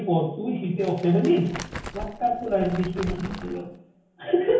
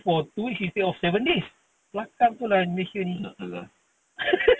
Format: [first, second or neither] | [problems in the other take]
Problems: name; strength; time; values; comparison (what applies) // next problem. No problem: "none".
second | background sound (Crumpling, crinkling); 13 dB below the speech // room echo; dies away in 0.7 s